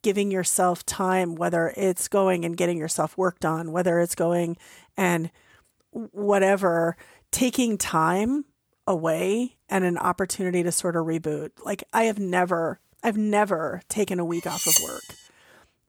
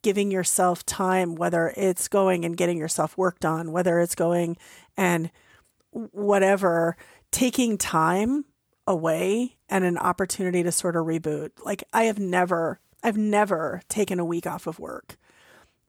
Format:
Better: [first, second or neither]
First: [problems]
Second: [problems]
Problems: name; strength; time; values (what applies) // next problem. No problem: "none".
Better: second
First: clattering dishes; loud; at 15 s; peak 5 dB above the speech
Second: none